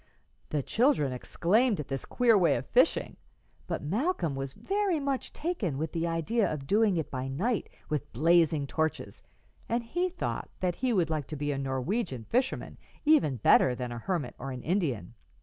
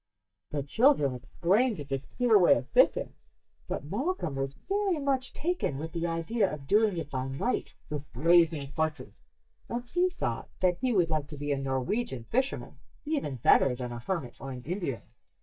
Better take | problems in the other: first | noise reduction (neural mask model DeepFilterNet 3)

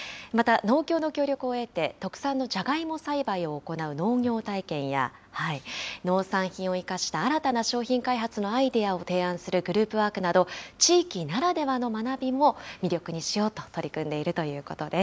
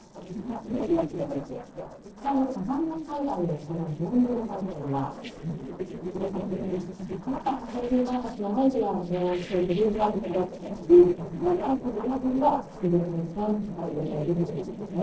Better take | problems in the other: first | noise reduction (neural separator model SepFormer DNS4)

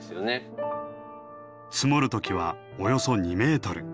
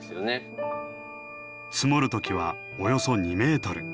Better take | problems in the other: first | background sound (Microwave oven / Alarm); 15 dB below the speech

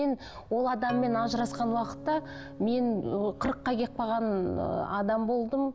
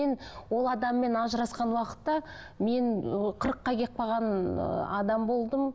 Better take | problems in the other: second | background sound (Organ); 13 dB below the speech

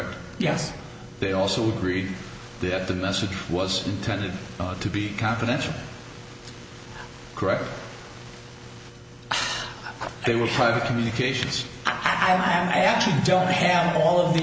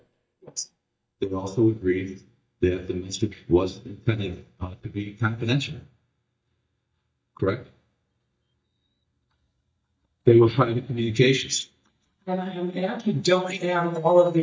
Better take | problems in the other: first | noise reduction (neural mask model DeepFilterNet 3)

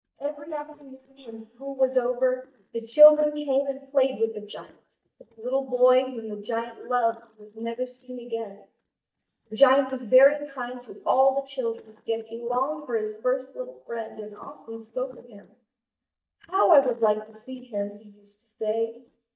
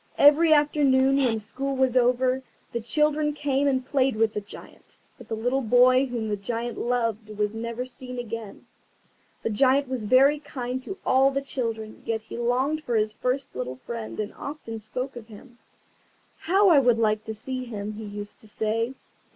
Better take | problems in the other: second | noise reduction (neural mask model DeepFilterNet 3)

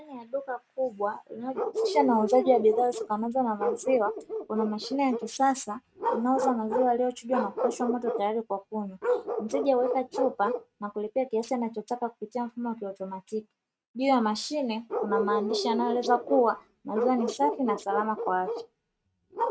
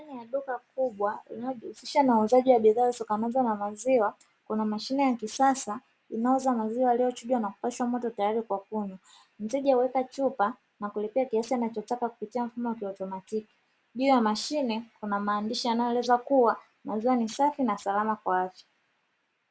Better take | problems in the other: second | noise reduction (neural mask model RNNoise)

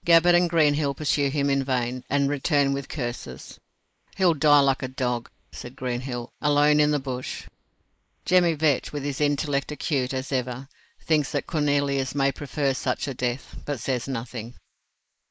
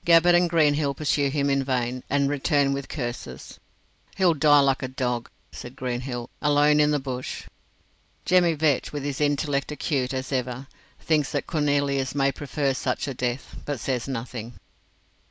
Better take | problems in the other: second | noise reduction (neural mask model Resemble Enhance denoiser)

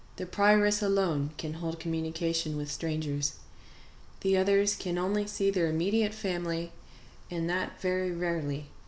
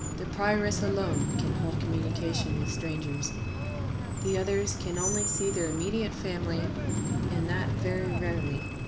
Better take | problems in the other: first | background sound (Screech); 2 dB above the speech

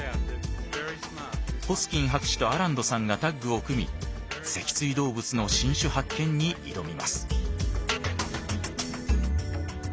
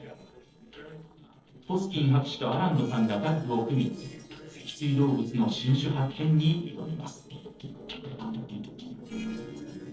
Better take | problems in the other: first | noise reduction (neural separator model SepFormer DNS4)

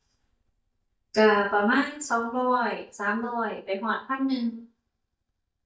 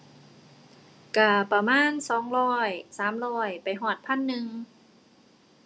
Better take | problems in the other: second | noise reduction (neural mask model DeepFilterNet 3)

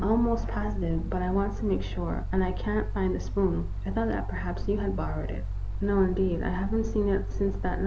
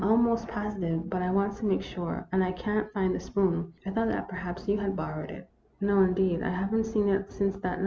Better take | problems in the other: second | background sound (Mechanical fan); 2 dB below the speech

